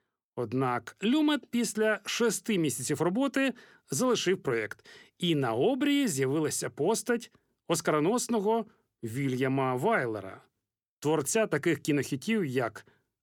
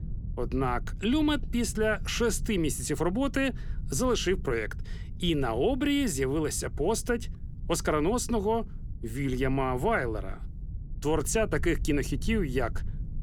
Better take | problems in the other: first | low rumble; faint; throughout; 25 dB below the speech

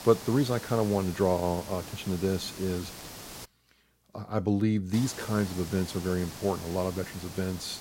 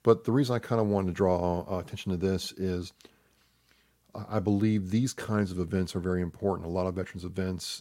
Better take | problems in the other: second | hiss; noticeable; until 3.5 s and from 5 s on; 10 dB below the speech

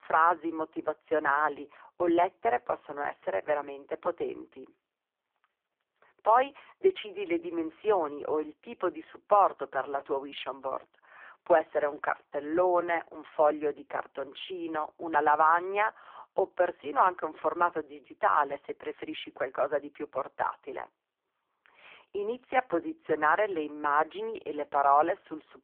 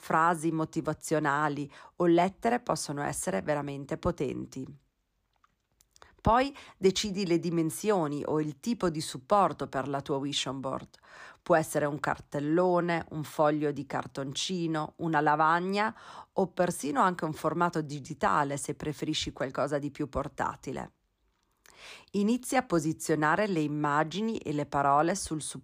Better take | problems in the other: second | phone-call audio; poor line; nothing above 3.5 kHz

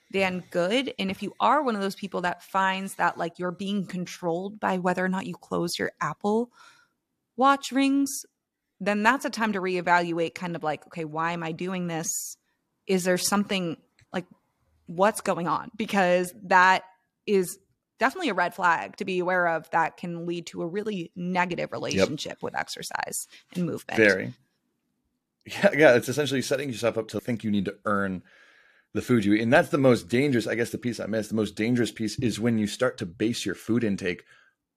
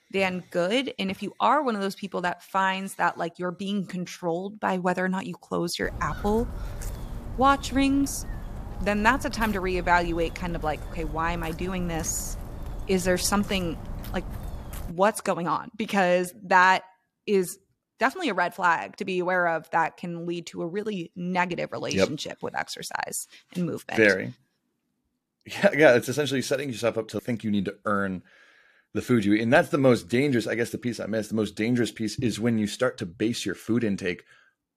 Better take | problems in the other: first | footsteps; faint; from 6 to 15 s; peak 10 dB below the speech

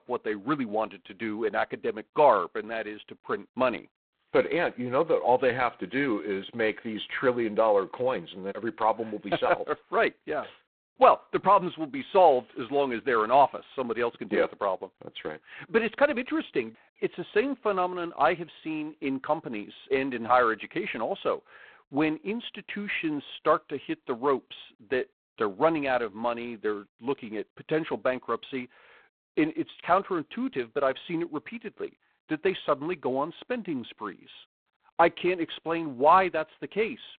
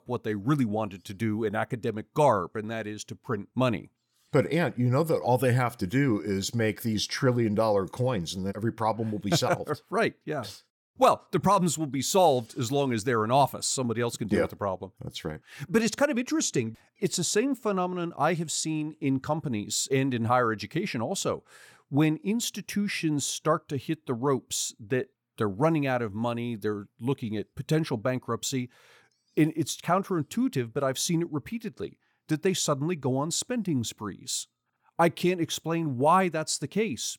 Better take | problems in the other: second | phone-call audio; poor line; nothing above 4 kHz

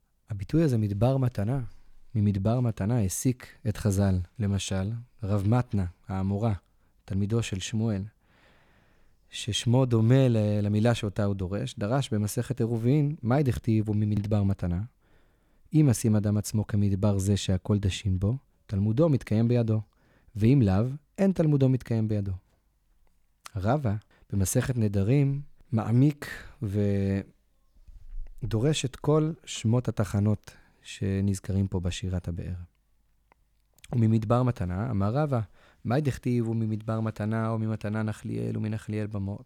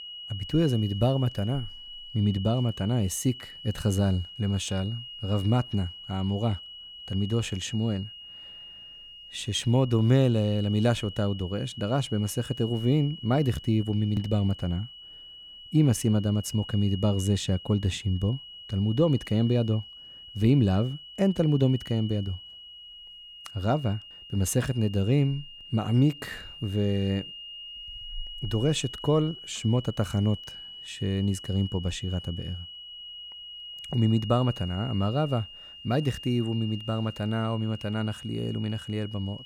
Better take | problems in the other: first | high-pitched whine; noticeable; throughout; 3 kHz, 15 dB below the speech

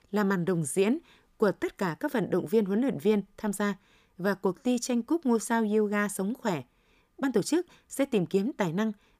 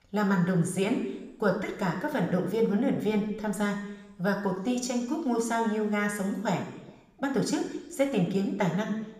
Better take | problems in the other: first | room echo; slight; dies away in 0.9 s // off-mic speech; somewhat distant

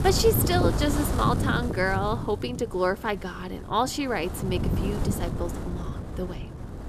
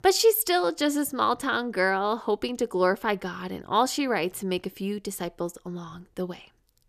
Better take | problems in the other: second | wind noise on the microphone; heavy; 8 dB below the speech

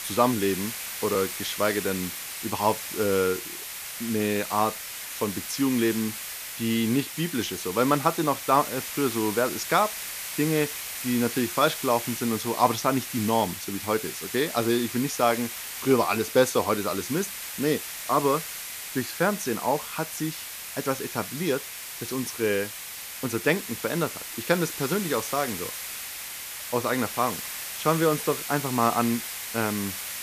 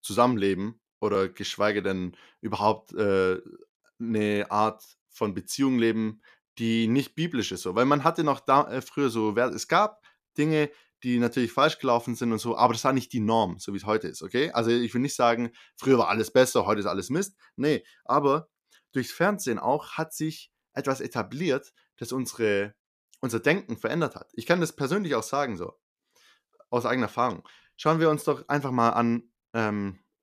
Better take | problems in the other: second | hiss; loud; throughout; 6 dB below the speech

